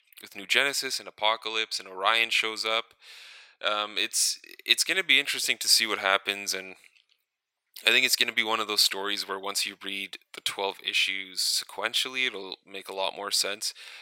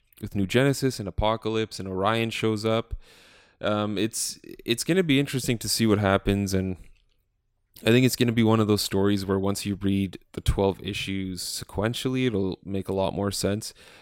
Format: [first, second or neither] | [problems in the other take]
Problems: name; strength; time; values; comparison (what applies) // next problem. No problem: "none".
second | thin; very; fading below 850 Hz